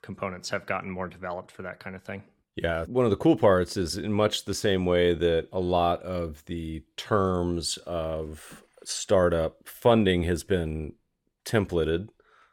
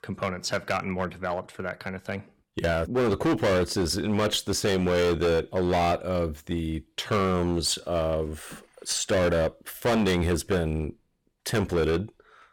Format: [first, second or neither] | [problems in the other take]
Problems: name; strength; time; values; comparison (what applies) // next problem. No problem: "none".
first | distortion; heavy; 14% of the sound clipped